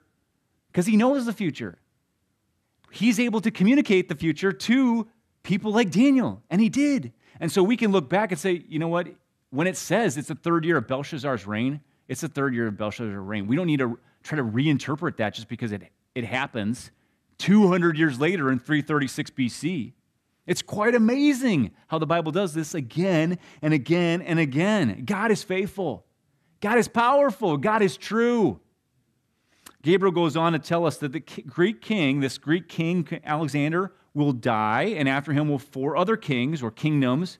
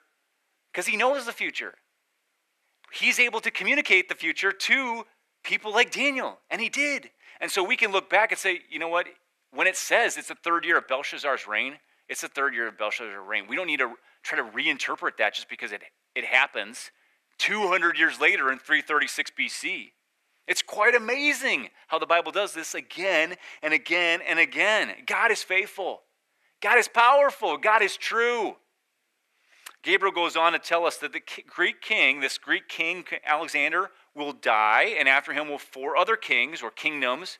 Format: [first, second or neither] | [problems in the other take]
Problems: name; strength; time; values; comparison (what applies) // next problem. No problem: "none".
first | thin; very; fading below 500 Hz